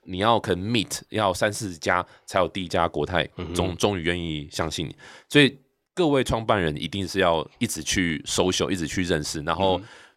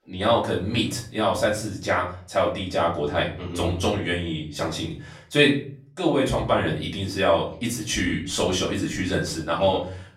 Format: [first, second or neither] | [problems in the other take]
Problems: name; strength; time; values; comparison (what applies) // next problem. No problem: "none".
first | off-mic speech; far // room echo; slight; dies away in 0.4 s